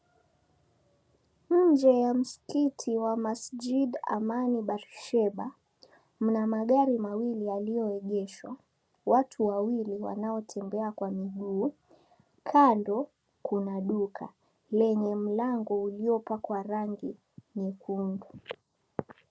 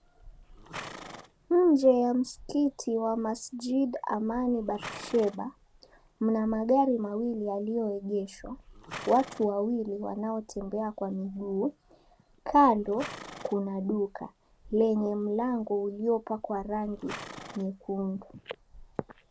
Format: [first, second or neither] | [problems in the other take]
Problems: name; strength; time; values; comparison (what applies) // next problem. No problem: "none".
first | background sound (Livestock, farm animals, working animals); 19 dB below the speech